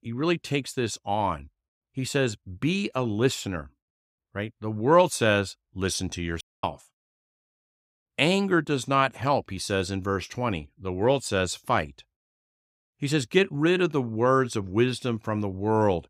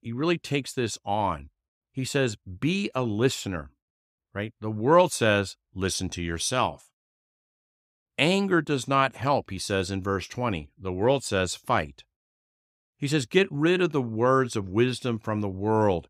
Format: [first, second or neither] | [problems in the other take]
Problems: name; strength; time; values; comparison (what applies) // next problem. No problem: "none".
second | audio cutting out; at 6.5 s